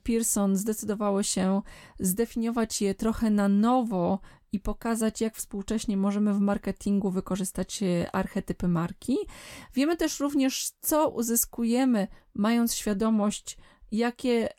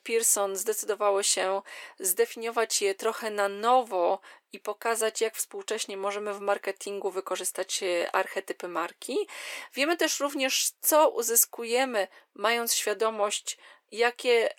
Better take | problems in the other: first | thin; very; fading below 400 Hz

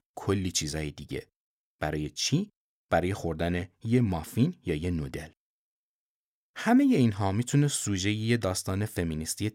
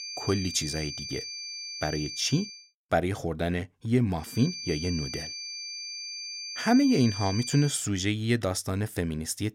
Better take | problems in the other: first | high-pitched whine; loud; until 2.5 s and from 4.5 to 7.5 s; 4.5 kHz, 7 dB below the speech

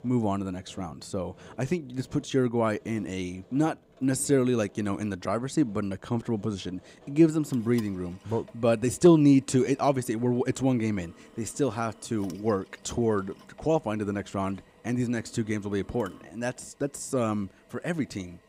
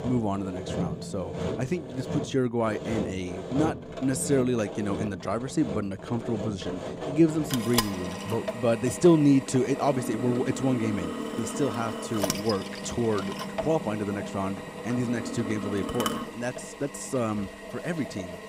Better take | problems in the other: first | machinery noise; loud; throughout; 6 dB below the speech; faint in the first

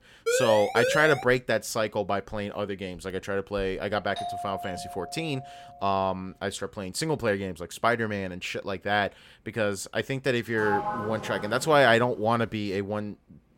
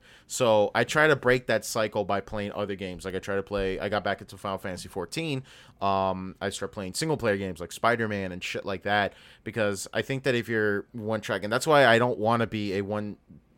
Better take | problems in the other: second | siren; loud; at 0.5 s; peak 1 dB above the speech // doorbell; noticeable; from 4 to 6 s; peak 7 dB below the speech // door banging; noticeable; from 11 to 12 s; peak 2 dB below the speech

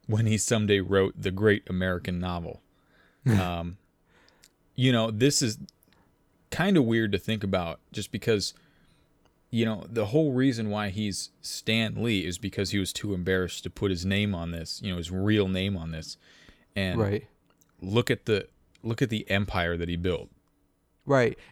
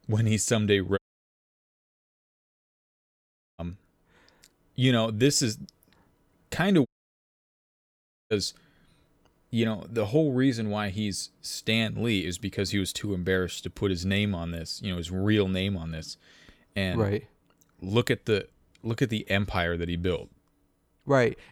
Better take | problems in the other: first | audio cutting out; at 1 s for 2.5 s and at 7 s for 1.5 s

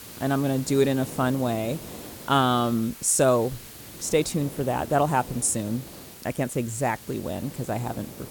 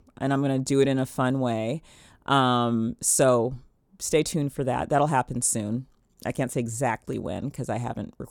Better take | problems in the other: second | hiss; noticeable; throughout; 15 dB below the speech

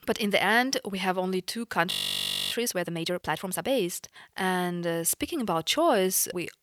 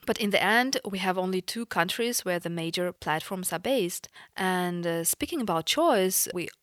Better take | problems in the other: second | audio freezing; at 2 s for 0.5 s

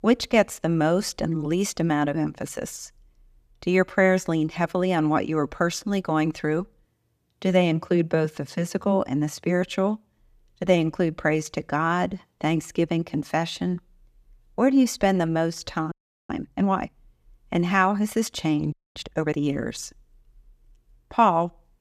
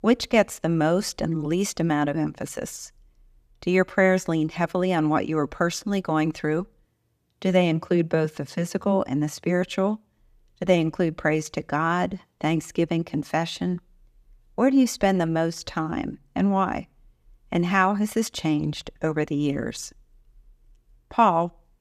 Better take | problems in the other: second | audio freezing; at 16 s and at 19 s

